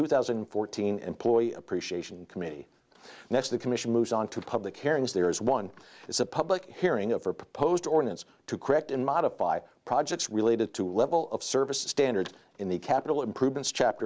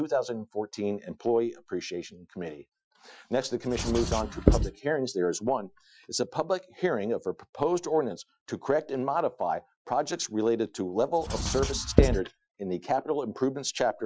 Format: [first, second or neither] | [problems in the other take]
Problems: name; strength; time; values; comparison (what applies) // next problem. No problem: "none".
first | noise reduction (classical method Wiener filter)